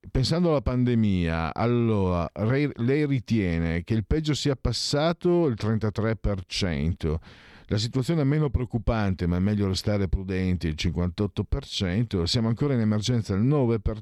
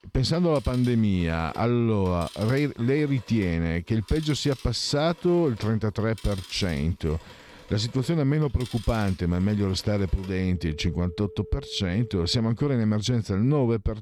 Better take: first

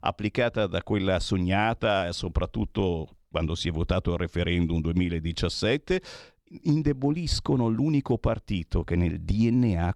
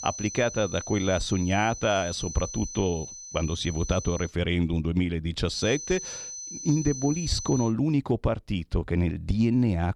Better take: first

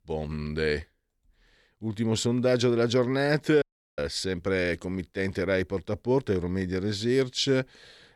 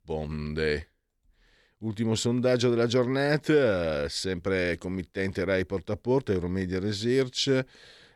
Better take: second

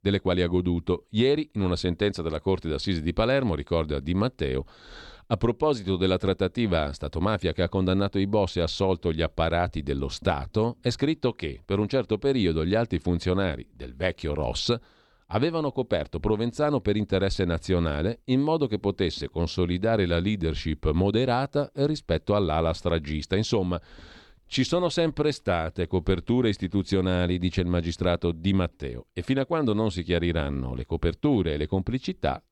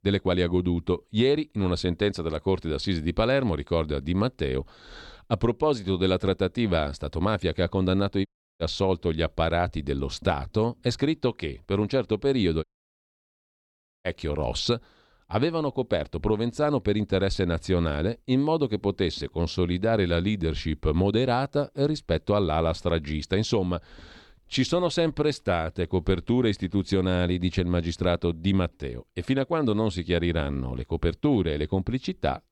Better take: first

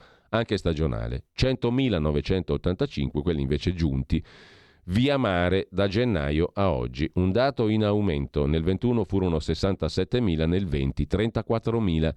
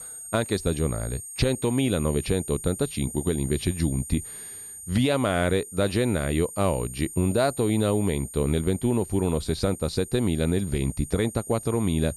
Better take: first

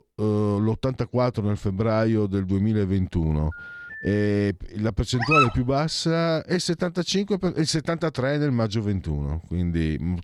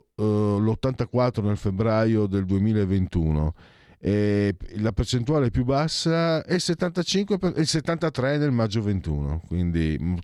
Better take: second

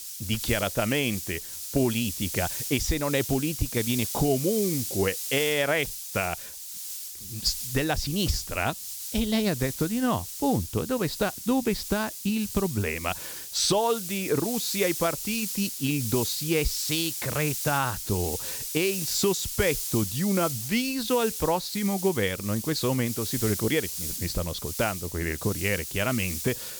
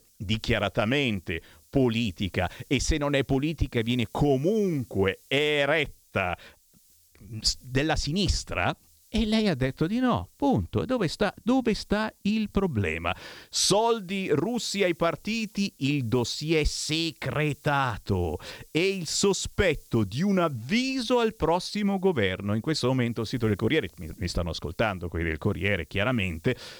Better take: second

